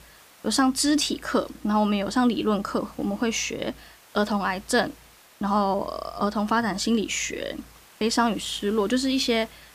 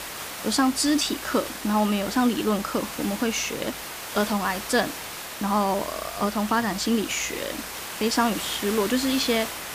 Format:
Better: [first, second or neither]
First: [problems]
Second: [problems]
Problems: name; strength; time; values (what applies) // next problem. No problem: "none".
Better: first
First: hiss; faint; throughout; 25 dB below the speech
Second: hiss; loud; throughout; 8 dB below the speech